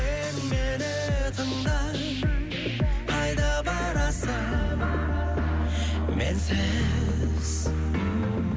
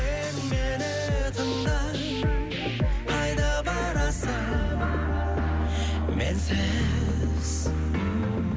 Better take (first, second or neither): first